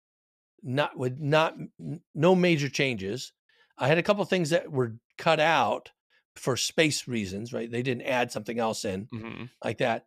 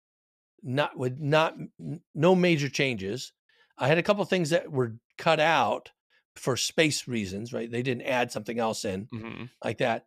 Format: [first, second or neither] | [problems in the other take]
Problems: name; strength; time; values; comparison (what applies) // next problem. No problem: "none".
neither | none